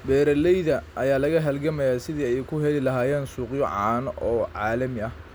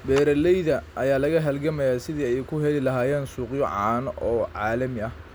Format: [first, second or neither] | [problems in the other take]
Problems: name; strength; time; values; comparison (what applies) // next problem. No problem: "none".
first | background sound (Clapping); 20 dB below the speech